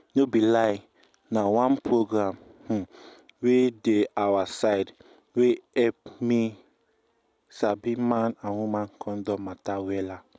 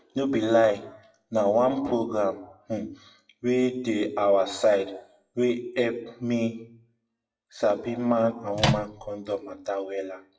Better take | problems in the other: first | noise reduction (classical method WPE with log-MMSE)

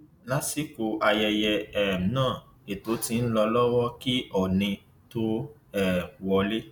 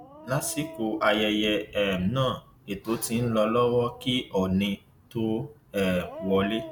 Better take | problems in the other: first | background sound (Dog); 18 dB below the speech

